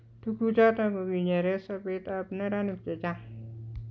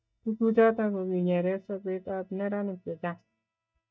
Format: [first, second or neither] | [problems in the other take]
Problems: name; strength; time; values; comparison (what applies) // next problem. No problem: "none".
first | noise reduction (neural mask model DeepFilterNet 3)